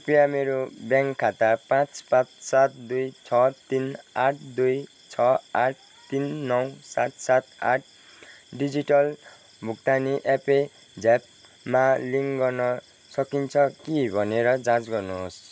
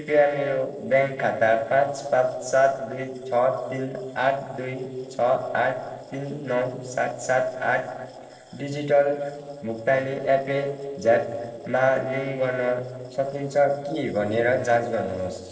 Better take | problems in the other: first | noise reduction (neural separator model SepFormer DNS4)

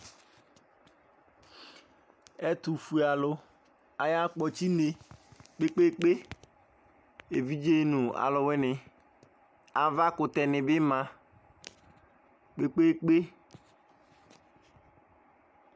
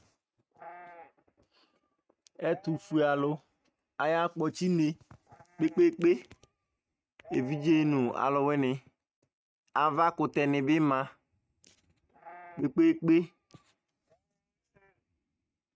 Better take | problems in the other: first | noise reduction (neural mask model RNNoise)

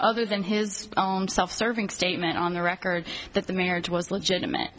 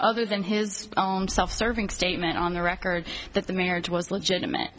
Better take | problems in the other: first | background sound (Boom); 14 dB below the speech

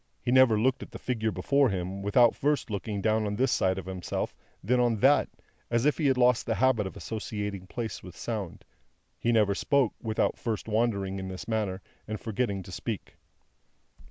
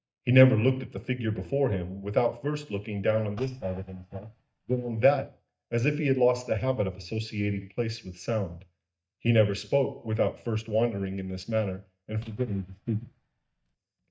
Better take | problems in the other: first | noise reduction (neural mask model DeepFilterNet 3)

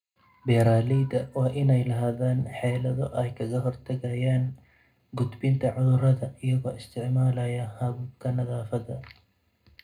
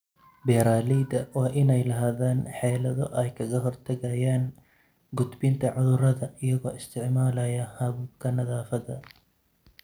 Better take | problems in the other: second | room echo; dies away in 0.2 s

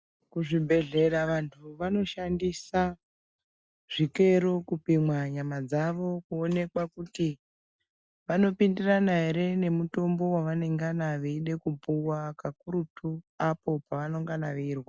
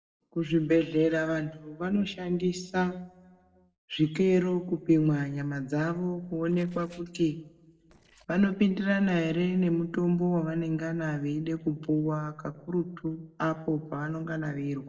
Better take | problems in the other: first | noise reduction (neural separator model SepFormer DNS4)

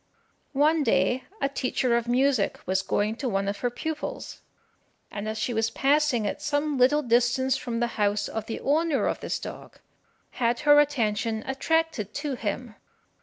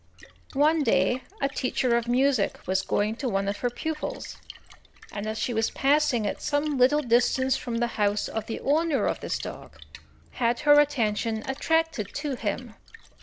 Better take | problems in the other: first | background sound (Splash, splatter); 20 dB below the speech

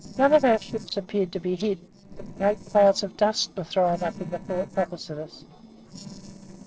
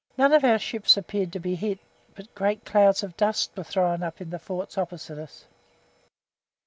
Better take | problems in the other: second | noise reduction (neural separator model SepFormer DNS4)

